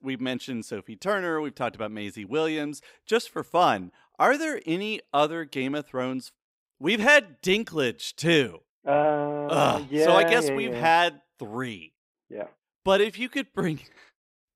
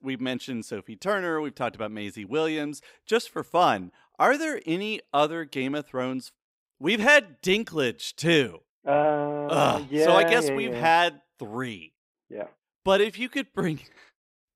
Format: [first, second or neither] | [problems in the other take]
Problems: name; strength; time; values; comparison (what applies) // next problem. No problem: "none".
neither | none